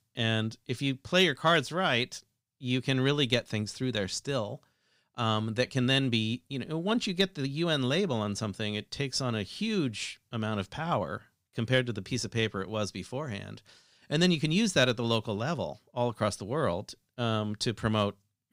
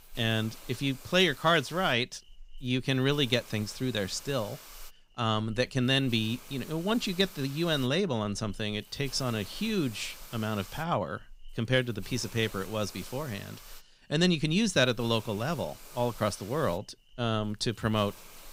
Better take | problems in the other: first | hiss; noticeable; throughout; 20 dB below the speech

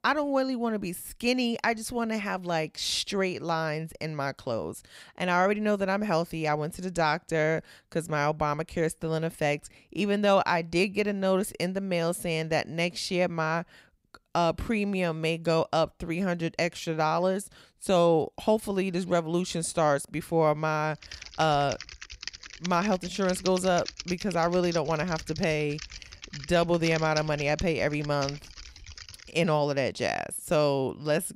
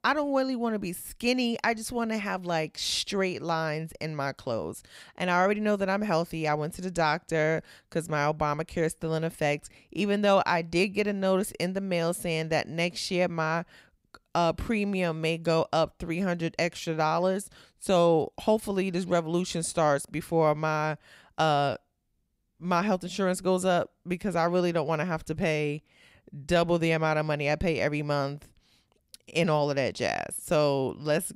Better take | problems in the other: second | keyboard typing; noticeable; from 21 to 29 s; peak 8 dB below the speech

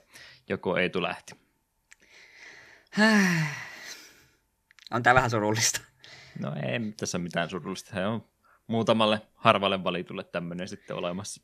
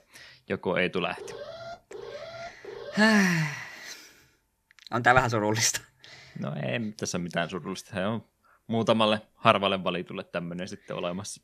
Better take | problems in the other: first | alarm; faint; from 1 to 3.5 s; peak 15 dB below the speech

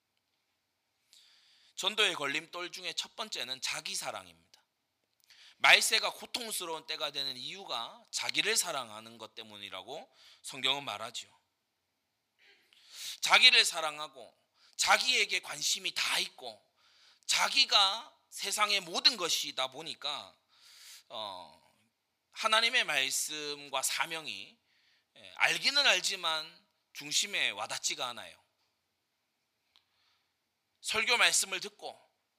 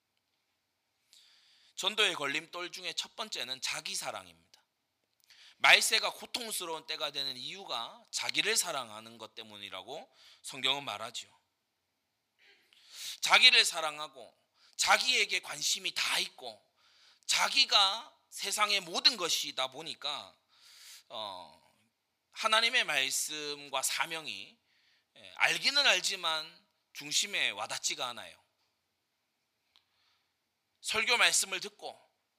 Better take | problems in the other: neither | thin; somewhat; fading below 800 Hz; the same in both

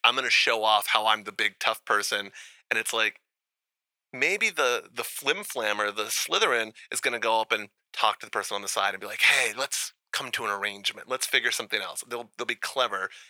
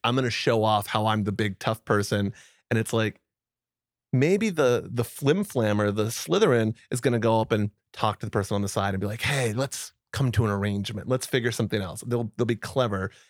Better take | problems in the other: second | thin; very; fading below 850 Hz

